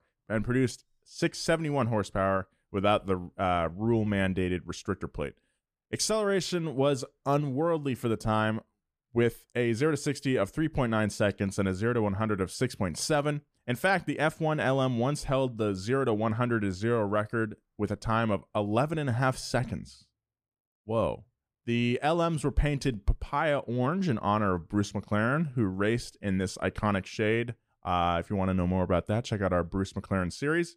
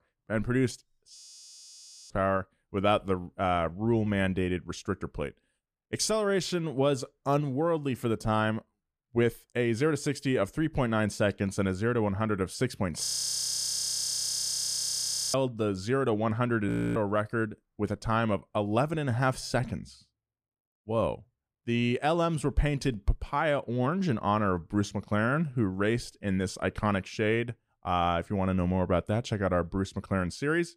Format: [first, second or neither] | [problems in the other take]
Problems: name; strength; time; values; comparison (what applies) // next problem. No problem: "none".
first | audio freezing; at 1 s for 1 s, at 13 s for 2.5 s and at 17 s